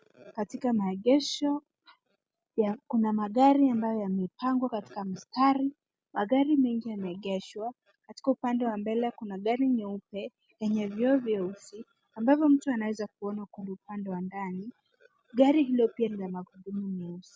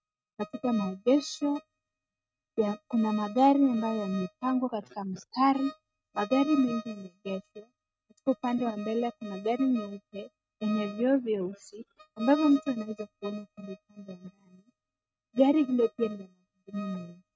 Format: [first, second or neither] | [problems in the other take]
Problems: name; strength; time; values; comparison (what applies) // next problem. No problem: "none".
first | noise reduction (neural mask model RNNoise)